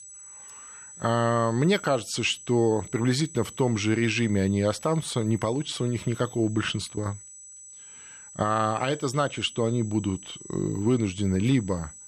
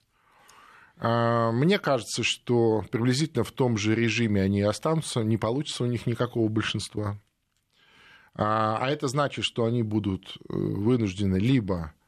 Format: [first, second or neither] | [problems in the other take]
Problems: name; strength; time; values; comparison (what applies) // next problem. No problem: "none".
second | high-pitched whine; noticeable; throughout; 8 kHz, 15 dB below the speech